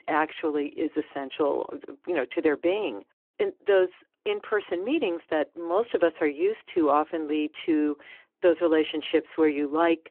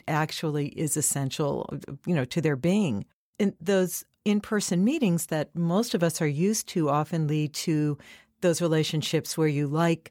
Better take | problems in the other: second | phone-call audio

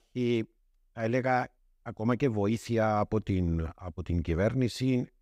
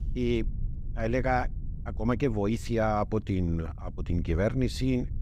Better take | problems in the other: first | low rumble; faint; throughout; 25 dB below the speech

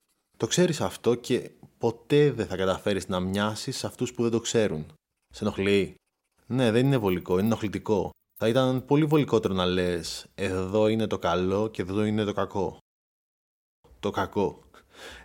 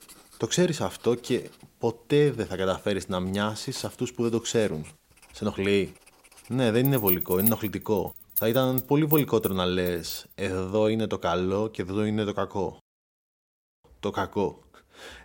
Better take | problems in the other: first | household noises; loud; until 10 s; 3 dB below the speech; faint in the first

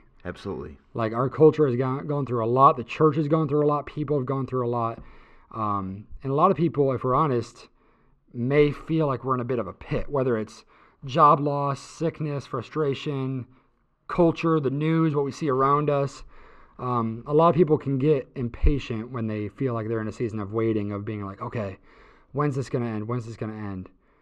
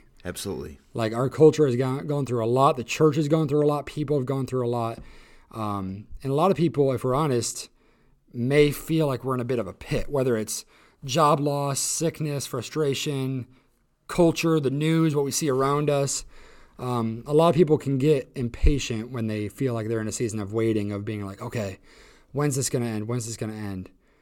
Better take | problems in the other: second | muffled; very; fading above 2.5 kHz

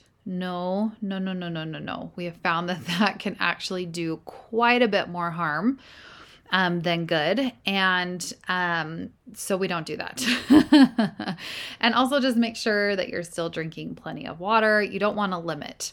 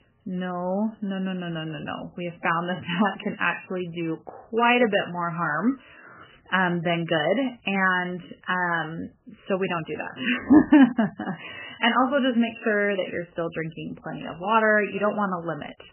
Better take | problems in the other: first | garbled, watery; badly; nothing above 3 kHz

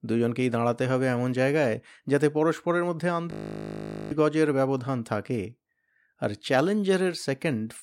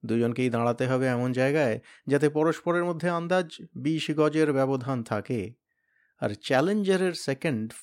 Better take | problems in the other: second | audio freezing; at 3.5 s for 1 s

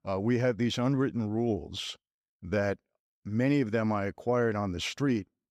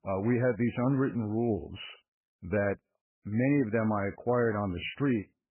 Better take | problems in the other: first | garbled, watery; badly; nothing above 3 kHz

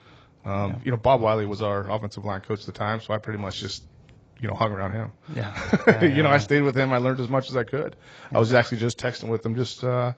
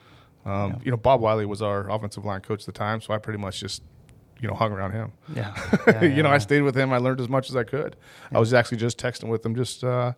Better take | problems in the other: second | garbled, watery; badly; nothing above 7.5 kHz

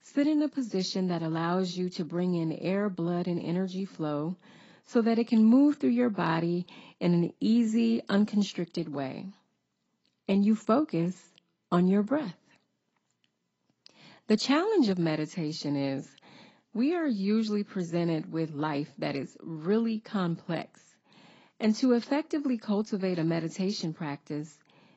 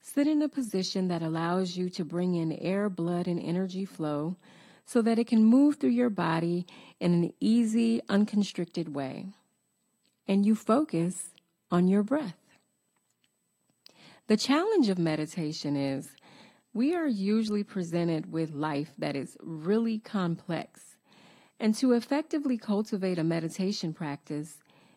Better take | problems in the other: second | garbled, watery; badly; nothing above 7.5 kHz; slightly in the second

